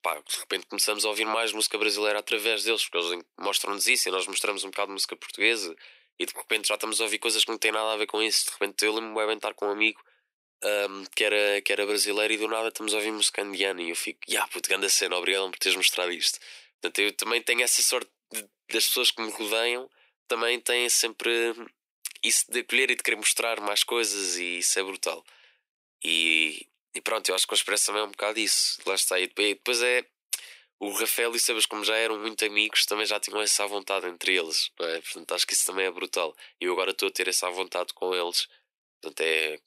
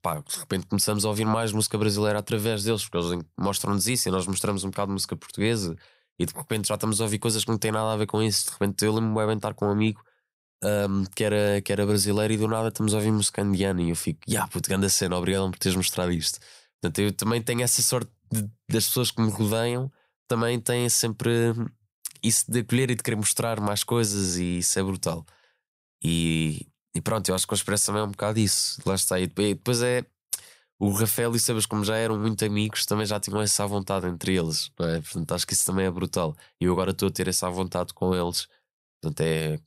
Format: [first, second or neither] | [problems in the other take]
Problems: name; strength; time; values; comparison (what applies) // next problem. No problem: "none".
second | thin; very; fading below 300 Hz